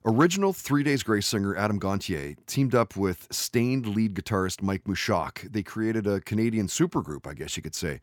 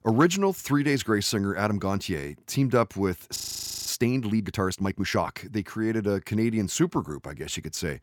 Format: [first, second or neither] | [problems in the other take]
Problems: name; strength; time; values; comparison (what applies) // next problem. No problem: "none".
first | audio freezing; at 3.5 s for 0.5 s